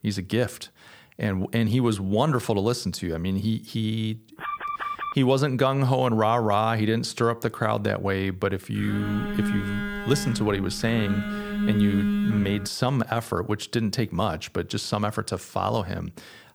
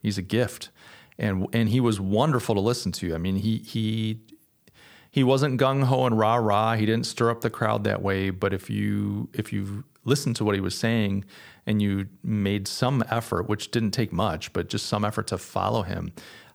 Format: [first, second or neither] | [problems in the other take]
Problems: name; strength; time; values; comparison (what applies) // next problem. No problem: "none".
second | alarm; noticeable; at 4.5 s; peak 5 dB below the speech // phone ringing; loud; from 9 to 13 s; peak 2 dB above the speech